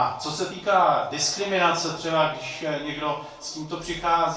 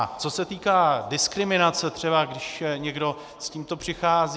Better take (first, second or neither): second